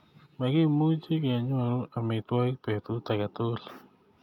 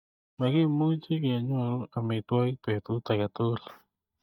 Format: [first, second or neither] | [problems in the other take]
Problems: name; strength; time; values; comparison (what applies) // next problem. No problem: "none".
first | noise reduction (neural mask model DeepFilterNet 3)